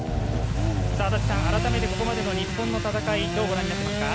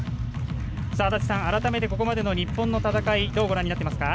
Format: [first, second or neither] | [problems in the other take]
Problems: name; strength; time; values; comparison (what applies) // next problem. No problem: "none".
second | background sound (Engine / Car + Sawing / Engine); 1 dB above the speech